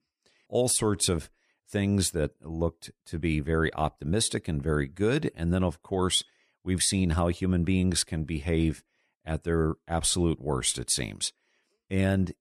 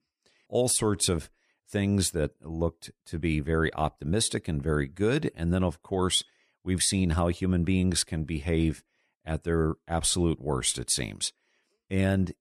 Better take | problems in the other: neither | none

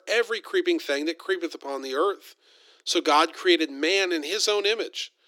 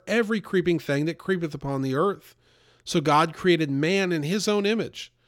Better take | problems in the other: second | thin; somewhat; fading below 300 Hz

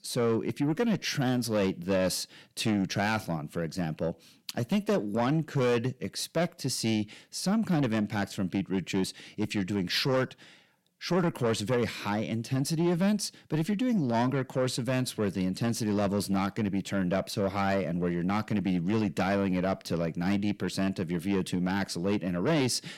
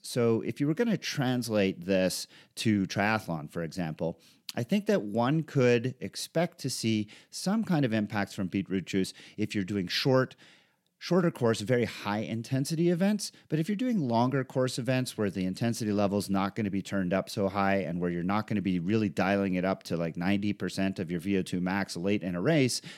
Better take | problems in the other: second | distortion; slight; 10 dB below the speech

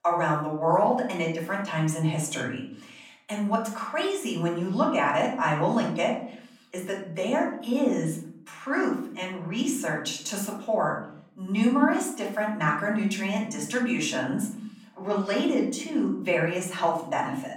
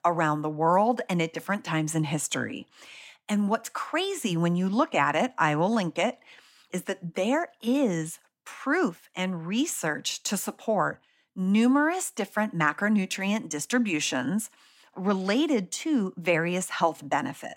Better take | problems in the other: second | off-mic speech; far // room echo; slight; dies away in 0.5 s

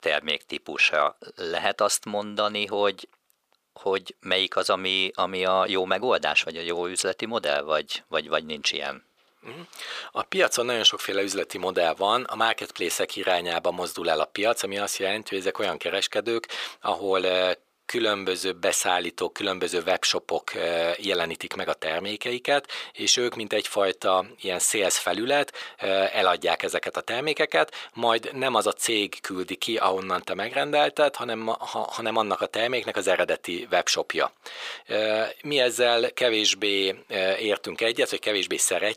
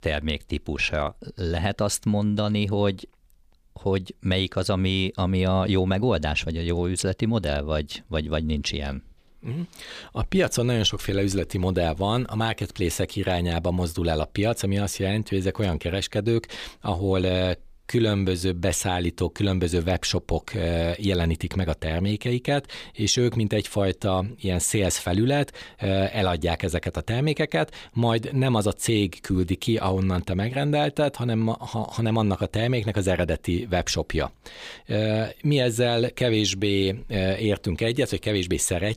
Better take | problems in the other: second | thin; very; fading below 550 Hz

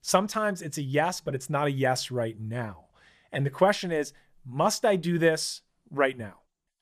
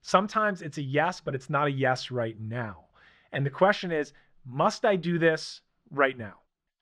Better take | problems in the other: first | muffled; very slightly; fading above 3.5 kHz

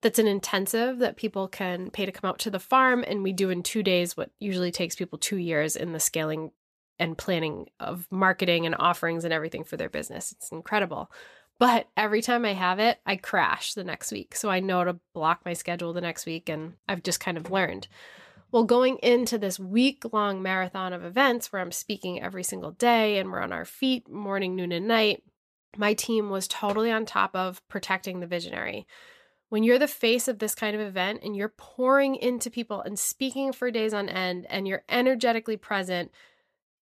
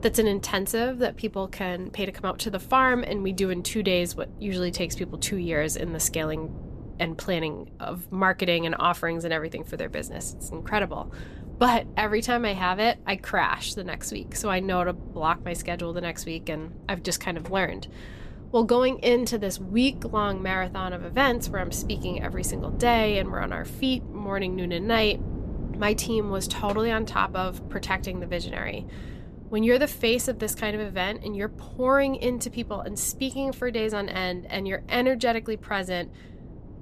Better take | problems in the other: first | wind noise on the microphone; occasional gusts; 20 dB below the speech

